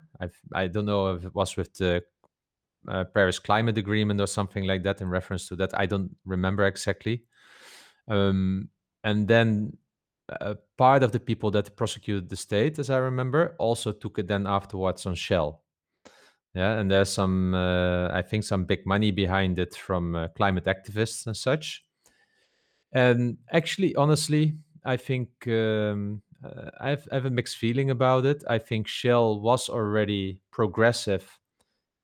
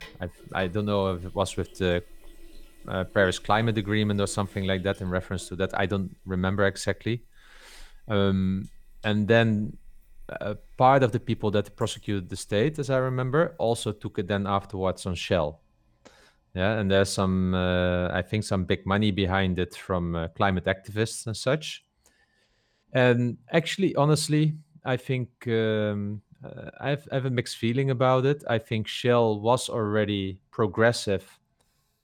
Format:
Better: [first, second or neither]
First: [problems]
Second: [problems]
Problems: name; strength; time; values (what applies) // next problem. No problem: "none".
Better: first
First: none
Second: household noises; faint; throughout; 30 dB below the speech